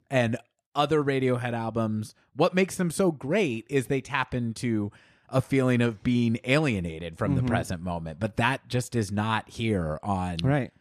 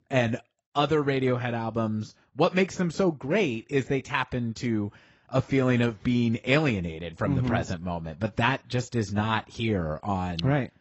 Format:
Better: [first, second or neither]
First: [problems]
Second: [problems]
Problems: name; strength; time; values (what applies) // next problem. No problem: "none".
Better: first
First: none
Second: garbled, watery; badly; nothing above 8 kHz